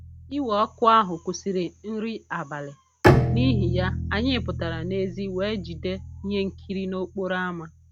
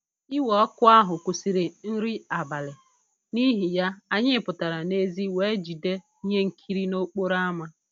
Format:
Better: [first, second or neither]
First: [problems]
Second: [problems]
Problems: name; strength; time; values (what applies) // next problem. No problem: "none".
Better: second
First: background sound (Bowed string instrument); 1 dB below the speech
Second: none